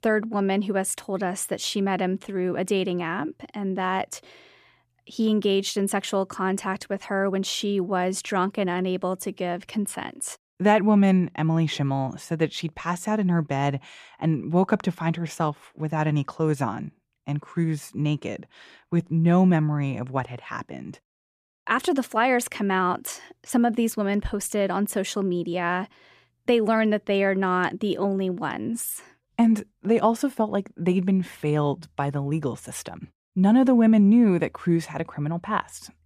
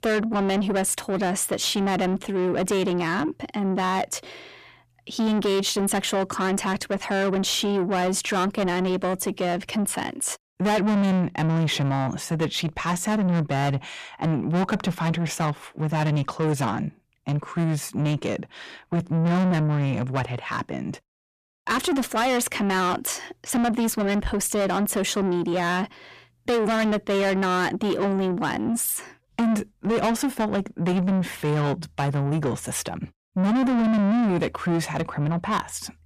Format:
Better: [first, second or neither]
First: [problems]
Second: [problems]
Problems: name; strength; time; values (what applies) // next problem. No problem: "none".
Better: first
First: none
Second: distortion; heavy; 7 dB below the speech